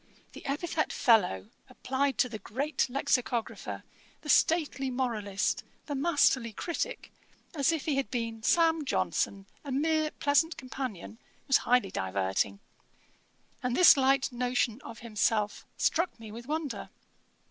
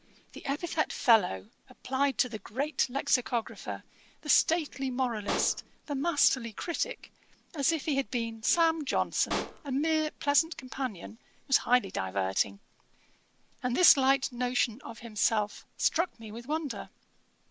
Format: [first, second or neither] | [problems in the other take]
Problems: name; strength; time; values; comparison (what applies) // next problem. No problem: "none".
first | background sound (Explosion); 9 dB below the speech